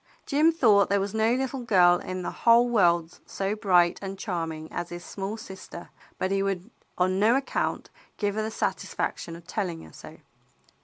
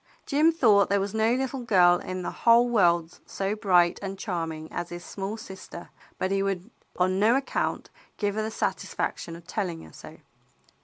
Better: first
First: none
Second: background sound (Raindrop / Drip); 19 dB below the speech

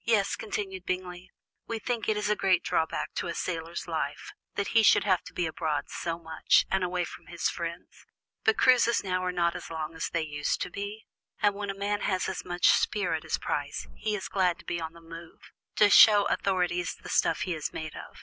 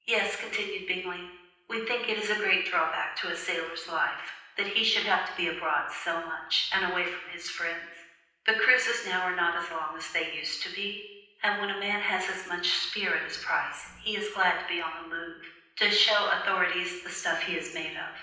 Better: first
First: none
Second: room echo; dies away in 0.9 s

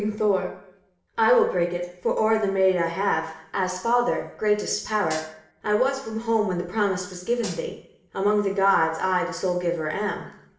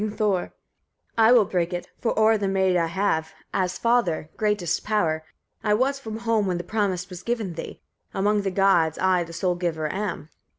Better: second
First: background sound (Hi-hat); 14 dB below the speech // room echo; dies away in 0.7 s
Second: none

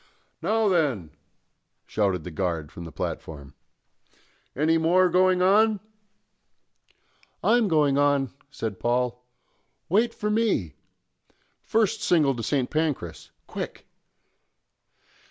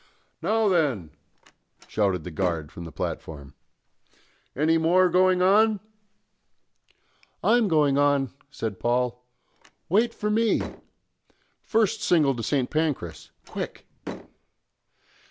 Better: first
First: none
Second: background sound (Slam); 16 dB below the speech

